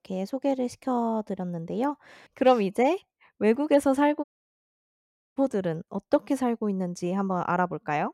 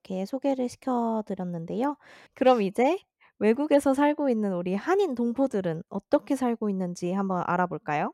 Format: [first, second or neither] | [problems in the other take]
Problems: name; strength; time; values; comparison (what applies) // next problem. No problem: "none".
second | audio cutting out; at 4 s for 1 s